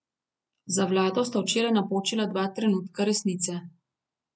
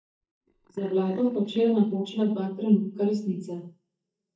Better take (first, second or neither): first